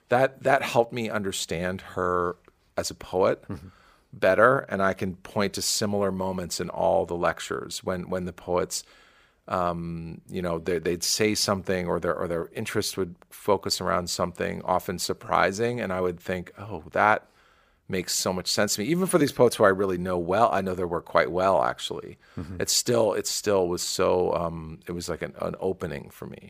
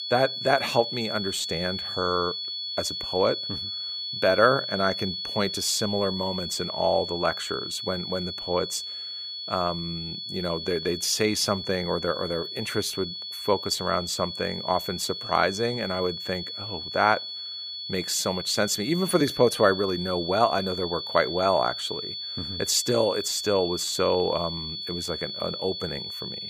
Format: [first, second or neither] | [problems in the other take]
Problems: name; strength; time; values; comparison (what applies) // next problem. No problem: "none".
first | high-pitched whine; loud; throughout; 4.5 kHz, 5 dB below the speech